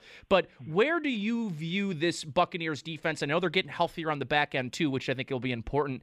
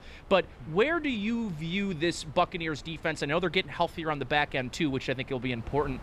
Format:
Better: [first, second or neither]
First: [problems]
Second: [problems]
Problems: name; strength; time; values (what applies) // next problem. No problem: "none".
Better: first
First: none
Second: wind noise on the microphone; occasional gusts; 25 dB below the speech